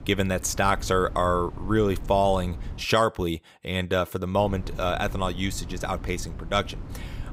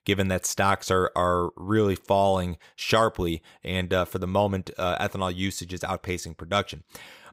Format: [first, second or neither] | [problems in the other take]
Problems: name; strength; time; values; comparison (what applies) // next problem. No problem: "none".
second | wind noise on the microphone; occasional gusts; until 3 s and from 4.5 s on; 20 dB below the speech